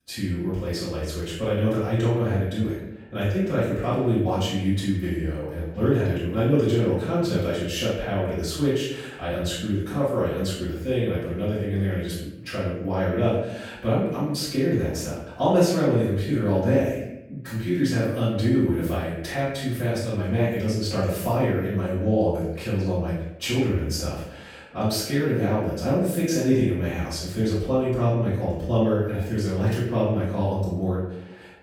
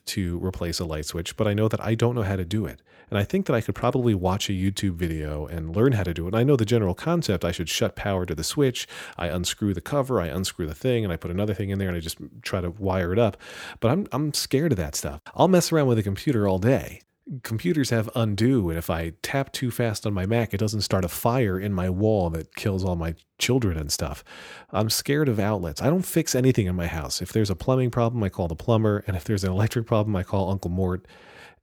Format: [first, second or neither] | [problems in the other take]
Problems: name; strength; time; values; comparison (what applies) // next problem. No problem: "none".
second | room echo; noticeable; dies away in 0.8 s // off-mic speech; far